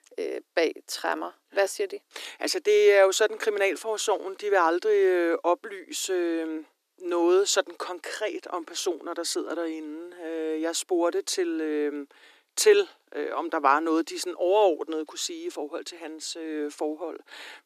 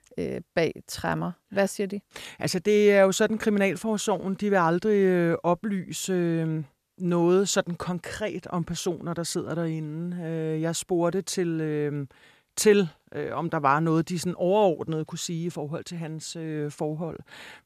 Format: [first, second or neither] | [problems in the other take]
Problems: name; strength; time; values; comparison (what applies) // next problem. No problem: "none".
second | thin; very; fading below 300 Hz